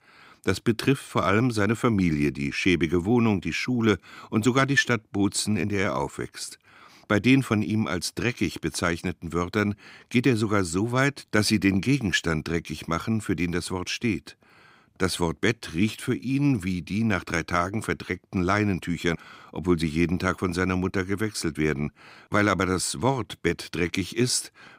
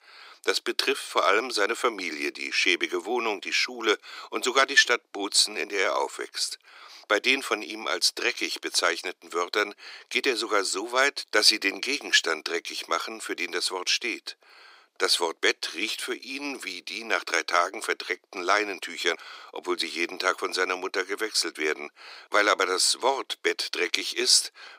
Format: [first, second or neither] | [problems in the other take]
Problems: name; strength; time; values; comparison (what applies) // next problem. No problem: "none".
first | thin; very; fading below 400 Hz